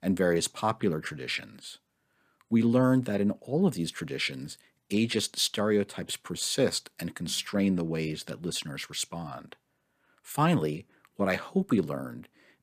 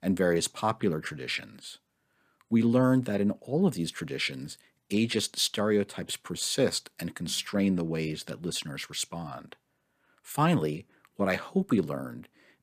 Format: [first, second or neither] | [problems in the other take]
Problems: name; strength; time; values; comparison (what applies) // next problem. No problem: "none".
neither | none